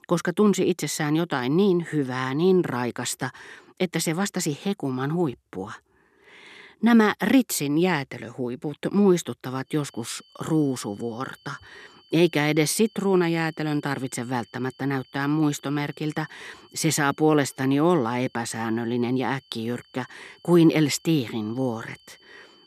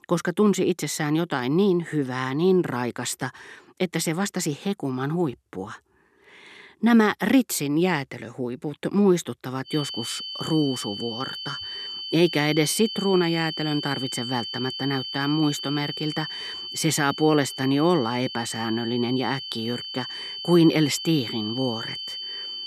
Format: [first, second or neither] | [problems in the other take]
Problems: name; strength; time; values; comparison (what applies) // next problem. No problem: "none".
first | high-pitched whine; loud; from 9.5 s on; 3 kHz, 7 dB below the speech; faint in the first